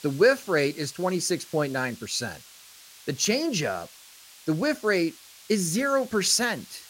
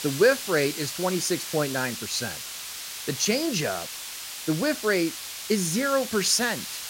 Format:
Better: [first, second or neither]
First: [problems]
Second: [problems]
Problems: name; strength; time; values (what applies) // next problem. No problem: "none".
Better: first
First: hiss; faint; throughout; 20 dB below the speech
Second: hiss; loud; throughout; 7 dB below the speech